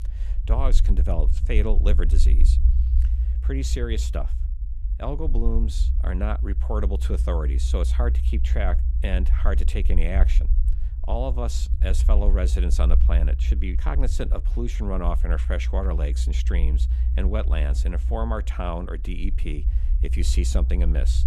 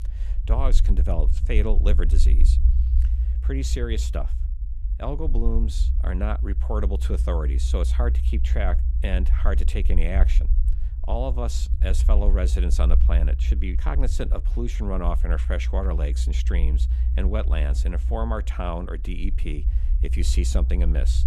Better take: neither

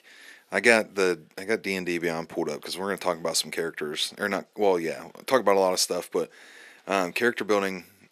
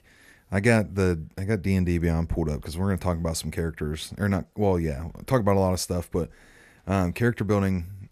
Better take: second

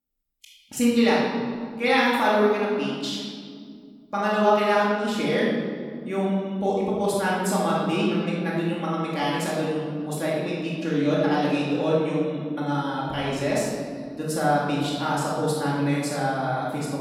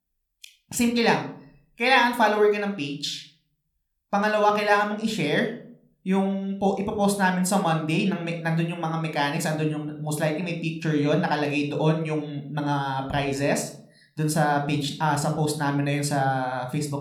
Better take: second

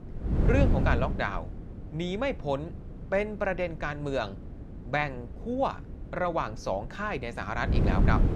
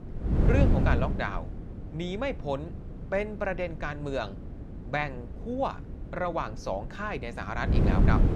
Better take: first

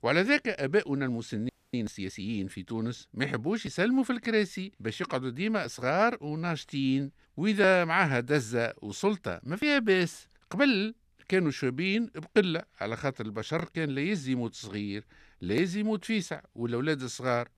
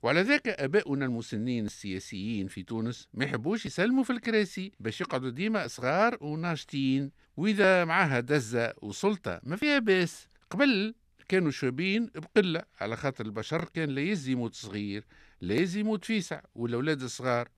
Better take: second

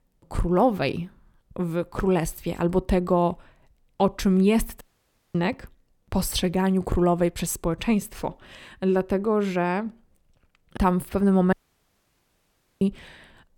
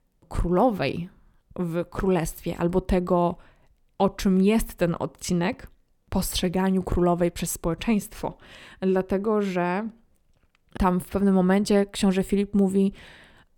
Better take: second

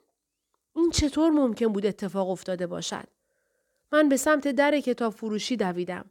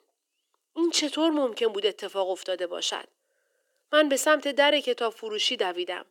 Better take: first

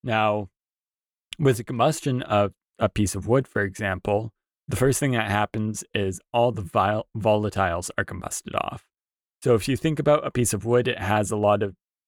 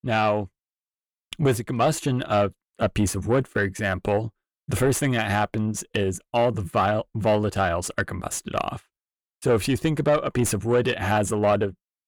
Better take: first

